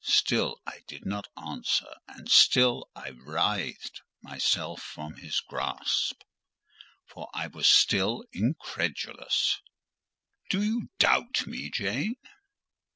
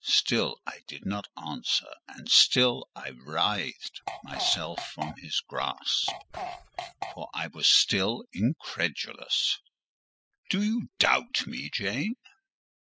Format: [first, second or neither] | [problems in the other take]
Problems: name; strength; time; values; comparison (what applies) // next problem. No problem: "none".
first | noise reduction (classical method spectral subtraction)